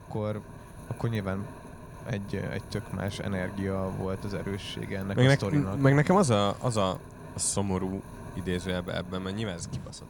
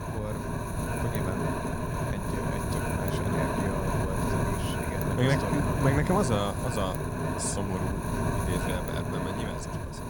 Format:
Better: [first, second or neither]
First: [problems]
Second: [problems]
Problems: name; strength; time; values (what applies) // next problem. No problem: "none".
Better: first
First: wind noise on the microphone; occasional gusts; 15 dB below the speech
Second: wind noise on the microphone; heavy; 2 dB above the speech